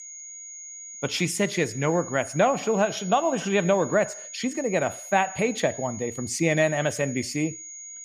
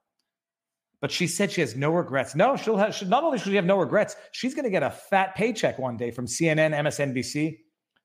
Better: second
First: high-pitched whine; noticeable; throughout; 6.5 kHz, 10 dB below the speech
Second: none

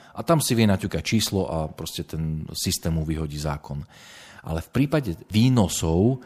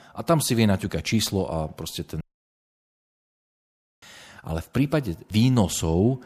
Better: first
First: none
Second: audio cutting out; at 2 s for 2 s

